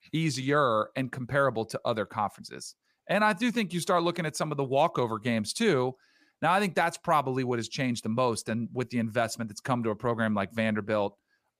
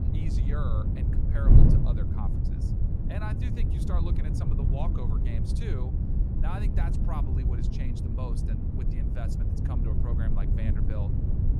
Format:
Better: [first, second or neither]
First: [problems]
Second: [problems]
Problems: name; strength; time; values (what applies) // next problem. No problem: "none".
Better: first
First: none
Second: wind noise on the microphone; heavy; 2 dB above the speech